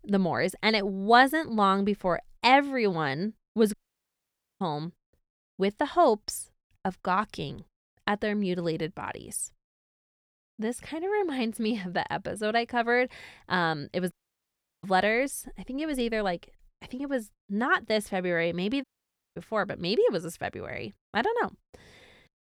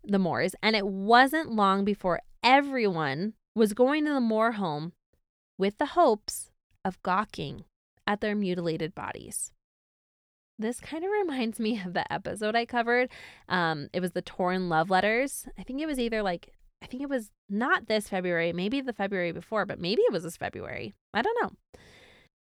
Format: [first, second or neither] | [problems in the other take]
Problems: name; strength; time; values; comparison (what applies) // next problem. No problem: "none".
second | audio cutting out; at 3.5 s for 1 s, at 14 s for 0.5 s and at 19 s for 0.5 s